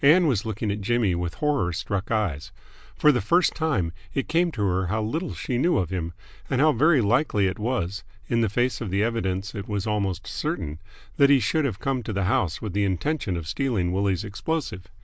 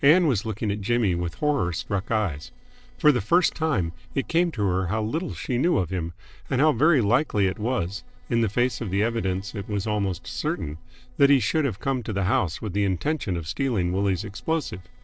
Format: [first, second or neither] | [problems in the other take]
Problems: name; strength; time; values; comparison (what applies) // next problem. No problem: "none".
first | noise reduction (neural separator model SepFormer DNS4)